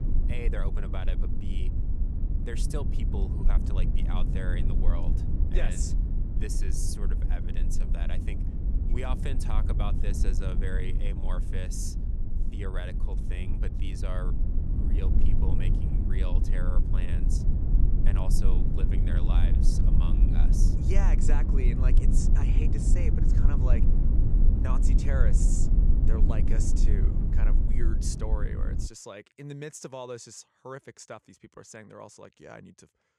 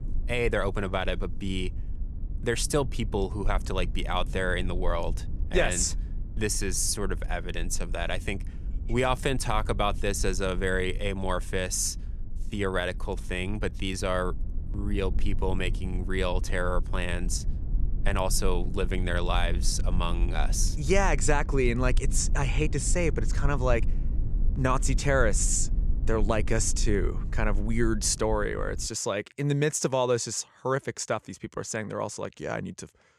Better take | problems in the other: second | low rumble; loud; until 29 s; 2 dB below the speech; faint in the second

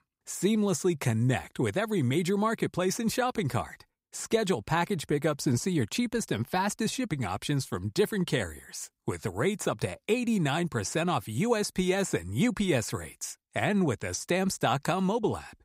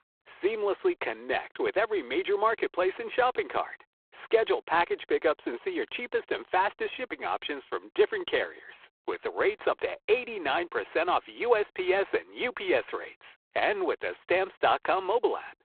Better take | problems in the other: first | phone-call audio; poor line

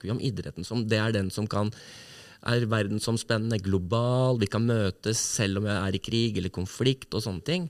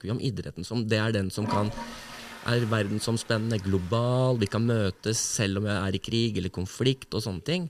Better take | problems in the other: first | household noises; noticeable; throughout; 15 dB below the speech

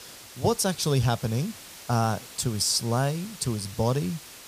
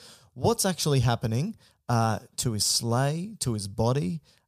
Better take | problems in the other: second | hiss; noticeable; throughout; 15 dB below the speech

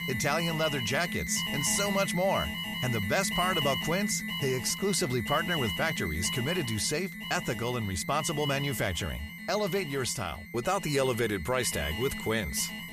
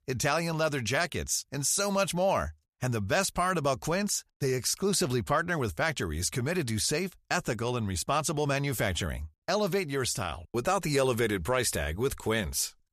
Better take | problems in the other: second | alarms or sirens; loud; throughout; 4 dB below the speech

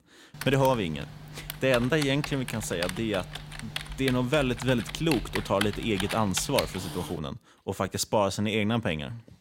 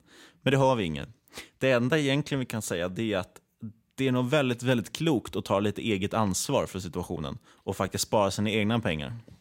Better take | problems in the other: second | keyboard typing; noticeable; until 7 s; peak 4 dB below the speech

